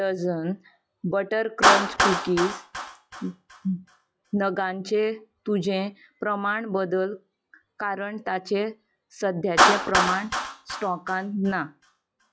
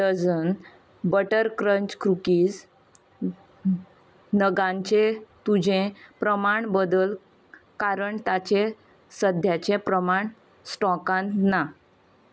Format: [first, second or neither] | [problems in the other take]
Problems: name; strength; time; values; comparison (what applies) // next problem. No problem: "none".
second | noise reduction (classical method log-MMSE)